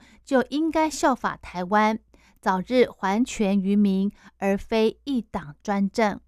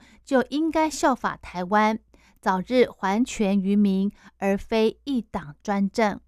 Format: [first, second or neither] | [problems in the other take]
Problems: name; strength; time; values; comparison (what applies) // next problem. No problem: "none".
neither | none